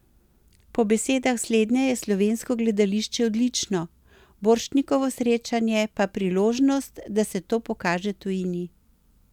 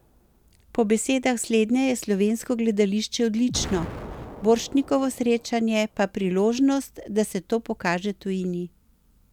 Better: first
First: none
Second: background sound (Explosion); 18 dB below the speech

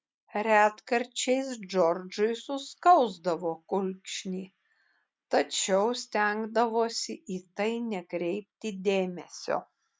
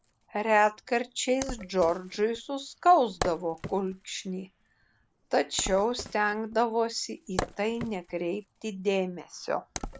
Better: first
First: none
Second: background sound (Wood); 13 dB below the speech

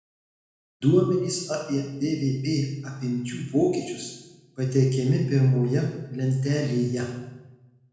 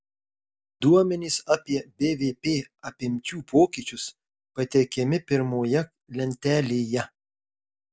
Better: second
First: room echo; dies away in 1 s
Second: none

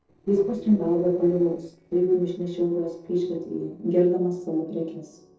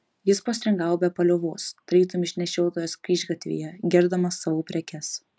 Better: second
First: noise reduction (neural separator model SepFormer DNS4)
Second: none

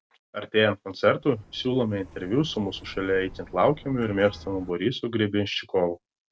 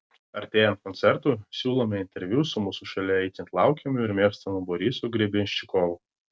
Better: second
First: background sound (Car passing by); 20 dB below the speech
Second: none

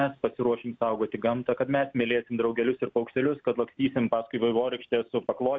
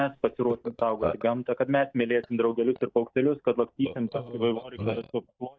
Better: first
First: none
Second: noise reduction (neural mask model DeepFilterNet 3)

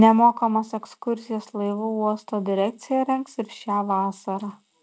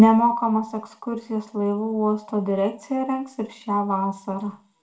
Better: first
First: none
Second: room echo; dies away in 0.4 s

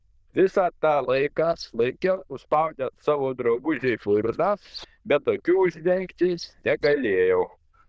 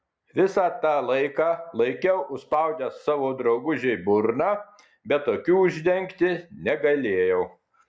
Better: second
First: noise reduction (neural diffusion model UNIVERSE++)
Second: none

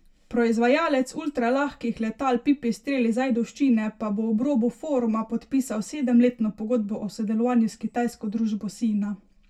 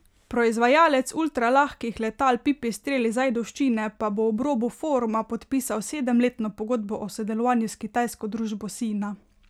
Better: second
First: room echo; dies away in 0.1 s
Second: none

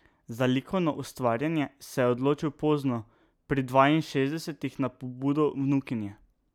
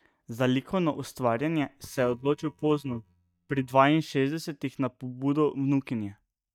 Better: first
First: none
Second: noise reduction (neural mask model DeepFilterNet 3)

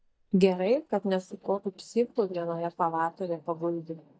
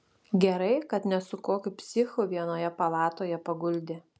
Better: second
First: noise reduction (neural mask model DeepFilterNet 3)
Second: none

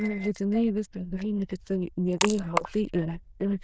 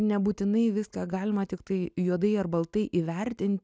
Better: second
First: noise reduction (neural diffusion model UNIVERSE++)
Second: none

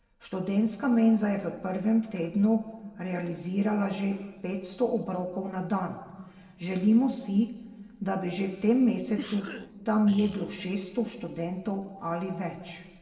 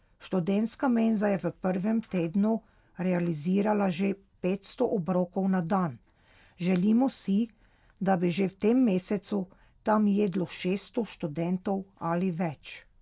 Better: second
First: noise reduction (neural separator model SepFormer DNS4)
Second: none

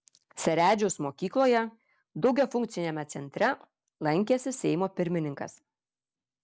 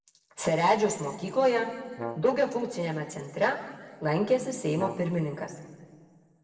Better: first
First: none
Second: background sound (Brass instrument); 13 dB below the speech // room echo; dies away in 1.5 s

